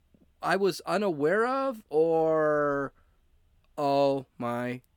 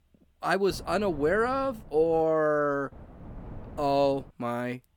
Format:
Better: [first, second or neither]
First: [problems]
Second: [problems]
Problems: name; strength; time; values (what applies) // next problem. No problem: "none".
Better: first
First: none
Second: wind noise on the microphone; occasional gusts; from 0.5 to 2 s and from 3 to 4.5 s; 25 dB below the speech